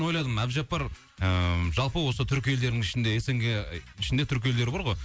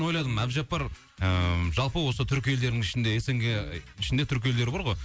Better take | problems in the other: first | background sound (Brass instrument); 20 dB below the speech

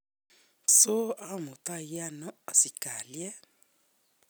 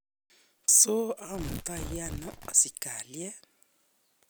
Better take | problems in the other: first | background sound (Tearing); 12 dB below the speech

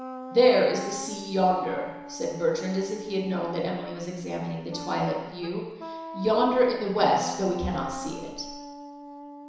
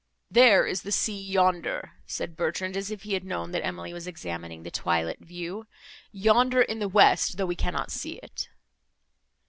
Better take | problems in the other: second | background sound (Wind instrument, woodwind instrument); 13 dB below the speech // room echo; dies away in 1 s

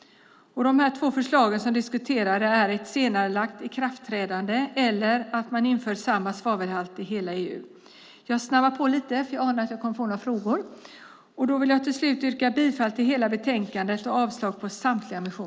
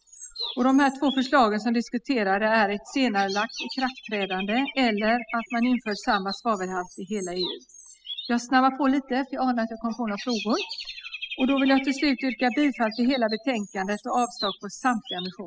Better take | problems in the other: first | noise reduction (classical method spectral subtraction)

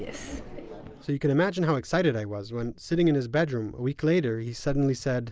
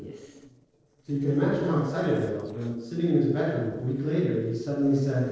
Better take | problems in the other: first | noise reduction (neural separator model SepFormer DNS4)

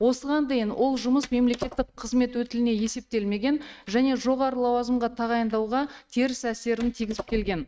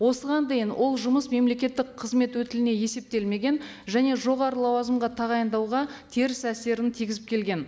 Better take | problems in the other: second | noise reduction (neural mask model RNNoise)

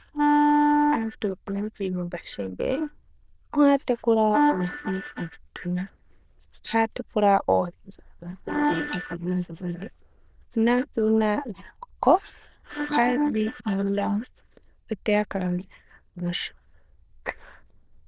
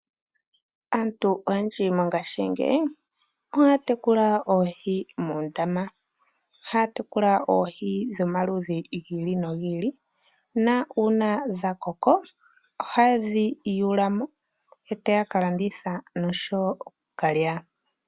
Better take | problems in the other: second | noise reduction (neural diffusion model UNIVERSE++)

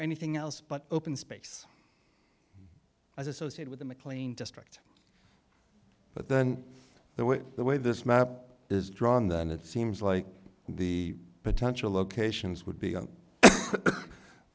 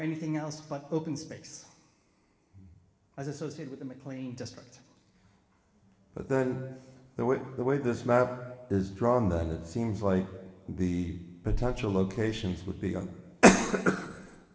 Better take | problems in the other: first | room echo; dies away in 1.1 s

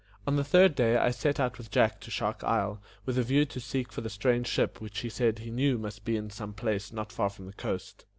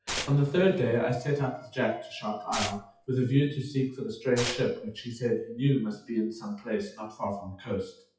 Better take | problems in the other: first | noise reduction (classical method WPE with log-MMSE)

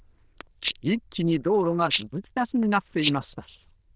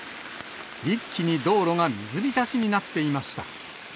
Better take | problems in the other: second | noise reduction (neural diffusion model UNIVERSE++)

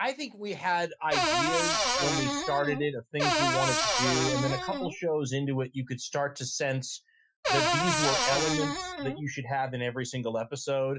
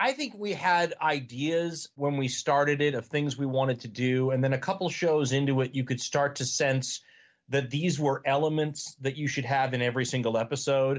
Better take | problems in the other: second | noise reduction (classical method Wiener filter)

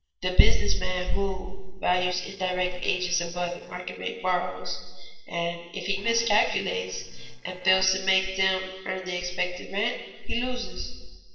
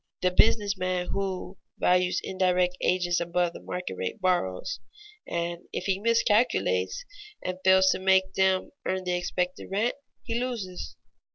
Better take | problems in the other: second | noise reduction (neural separator model SepFormer DNS4)

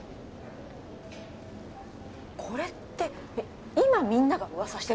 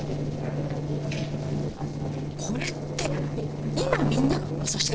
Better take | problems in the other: first | noise reduction (neural separator model SepFormer DNS4)

